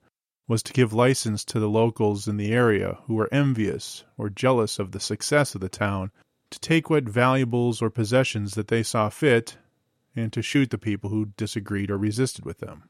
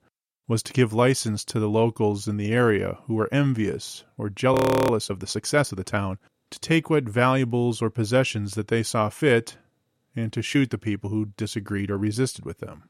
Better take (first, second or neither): first